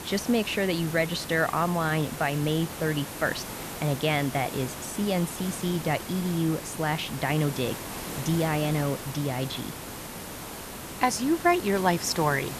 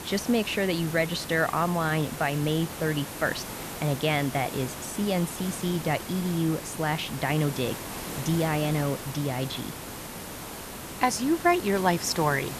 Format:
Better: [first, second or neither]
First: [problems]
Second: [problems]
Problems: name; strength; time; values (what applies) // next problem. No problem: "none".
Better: neither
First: hiss; loud; throughout; 9 dB below the speech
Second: hiss; loud; throughout; 9 dB below the speech